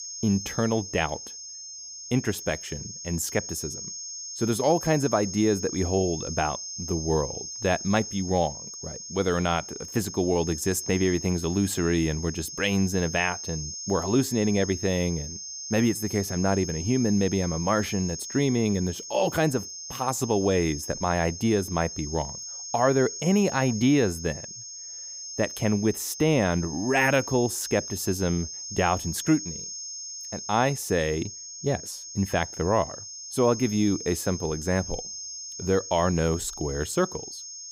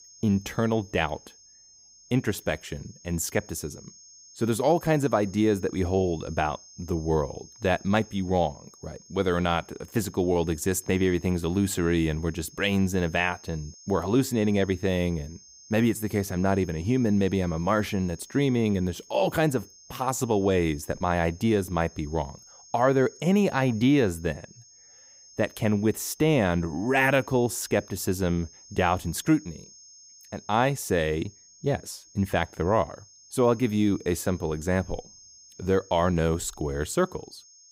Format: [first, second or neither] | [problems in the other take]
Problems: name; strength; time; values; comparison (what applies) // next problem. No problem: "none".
second | high-pitched whine; loud; throughout; 6.5 kHz, 9 dB below the speech; faint in the second